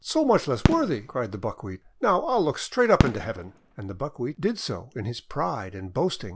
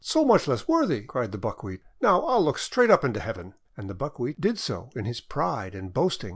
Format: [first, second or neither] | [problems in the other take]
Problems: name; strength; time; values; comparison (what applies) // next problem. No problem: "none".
second | background sound (Fireworks); 3 dB below the speech